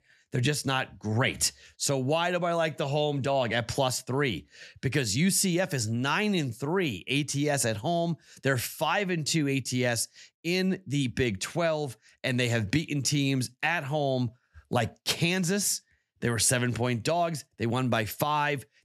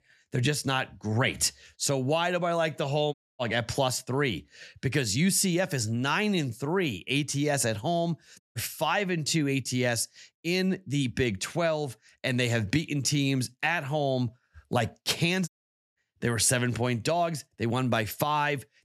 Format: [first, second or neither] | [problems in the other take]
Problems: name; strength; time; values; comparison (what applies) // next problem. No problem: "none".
first | audio cutting out; at 3 s, at 8.5 s and at 15 s